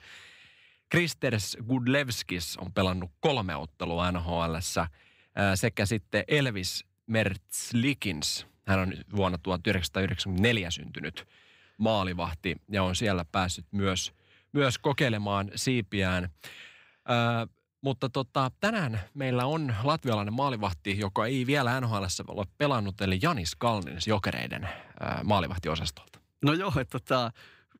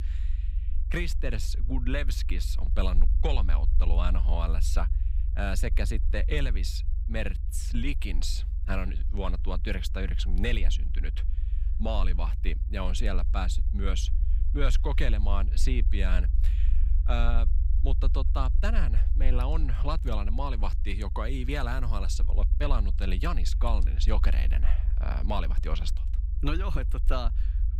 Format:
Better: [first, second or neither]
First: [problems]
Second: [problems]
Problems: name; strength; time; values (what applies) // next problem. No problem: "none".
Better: first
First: none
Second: low rumble; noticeable; throughout; 15 dB below the speech